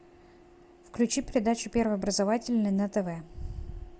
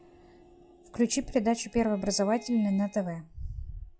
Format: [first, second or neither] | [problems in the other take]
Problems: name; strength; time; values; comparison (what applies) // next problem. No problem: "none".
first | noise reduction (classical method log-MMSE)